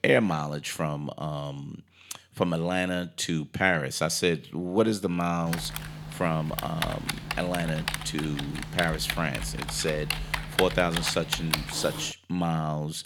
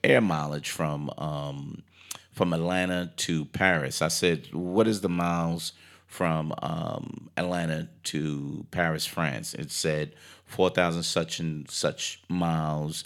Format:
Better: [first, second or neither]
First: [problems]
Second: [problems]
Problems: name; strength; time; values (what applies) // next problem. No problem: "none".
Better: second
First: keyboard typing; loud; from 5.5 to 12 s; peak level with the speech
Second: none